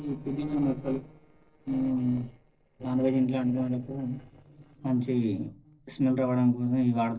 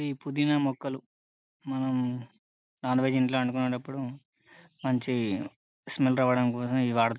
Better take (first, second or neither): second